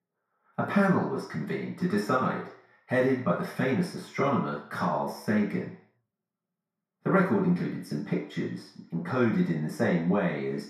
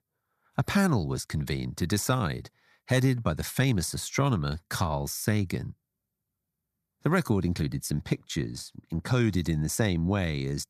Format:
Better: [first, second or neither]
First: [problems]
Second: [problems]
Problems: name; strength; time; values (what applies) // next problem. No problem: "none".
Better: second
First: room echo; noticeable; dies away in 0.6 s // off-mic speech; far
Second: none